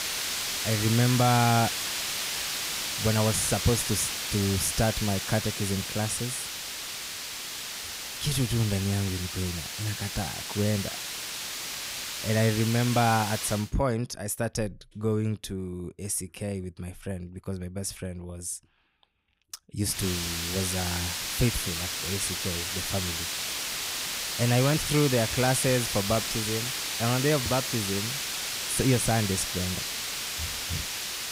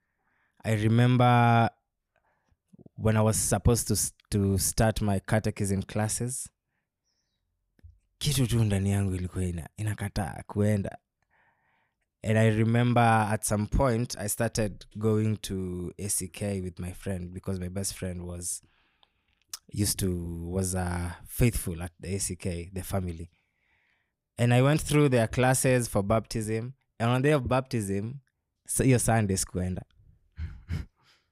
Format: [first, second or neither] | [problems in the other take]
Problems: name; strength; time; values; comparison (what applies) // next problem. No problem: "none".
second | hiss; loud; until 14 s and from 20 s on; 2 dB below the speech